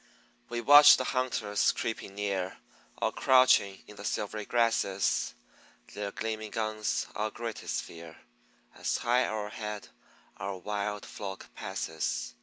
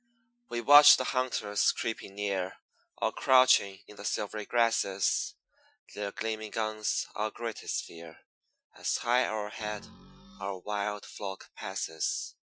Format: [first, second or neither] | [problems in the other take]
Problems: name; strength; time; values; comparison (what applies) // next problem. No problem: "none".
first | noise reduction (classical method Wiener filter)